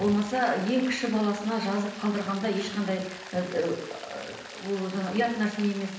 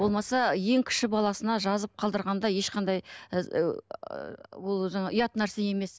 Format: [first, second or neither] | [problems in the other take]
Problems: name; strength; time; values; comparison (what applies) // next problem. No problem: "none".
second | background sound (Rain); 15 dB below the speech // room echo; dies away in 0.8 s